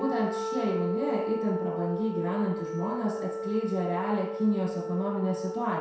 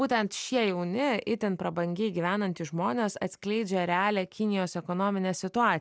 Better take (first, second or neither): second